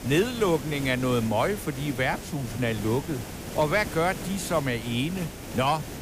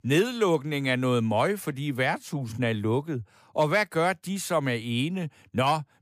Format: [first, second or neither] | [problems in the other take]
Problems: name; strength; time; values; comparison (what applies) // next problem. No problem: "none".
second | hiss; loud; throughout; 9 dB below the speech